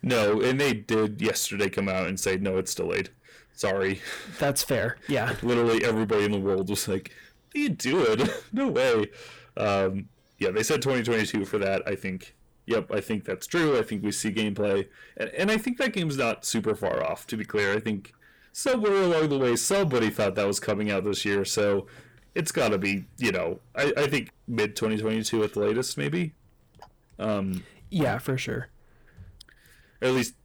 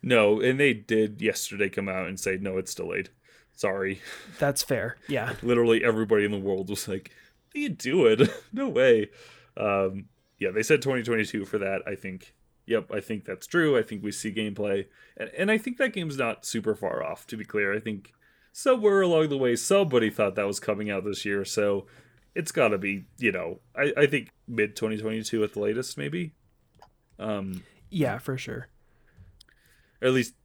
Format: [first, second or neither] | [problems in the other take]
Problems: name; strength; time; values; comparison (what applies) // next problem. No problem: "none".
second | distortion; heavy; 6 dB below the speech